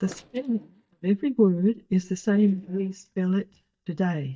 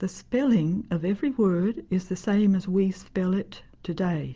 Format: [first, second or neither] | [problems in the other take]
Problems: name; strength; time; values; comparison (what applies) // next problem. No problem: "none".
second | noise reduction (neural mask model DeepFilterNet 3)